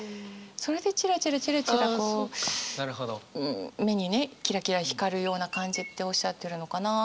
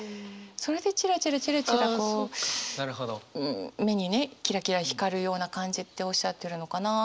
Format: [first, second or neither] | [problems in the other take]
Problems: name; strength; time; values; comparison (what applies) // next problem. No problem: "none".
second | background sound (Chirp, tweet); 20 dB below the speech